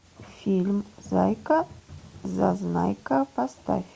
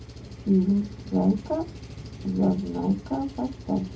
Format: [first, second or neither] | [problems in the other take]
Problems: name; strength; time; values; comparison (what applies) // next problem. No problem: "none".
first | background sound (Engine); 14 dB below the speech // room echo; dies away in 0.3 s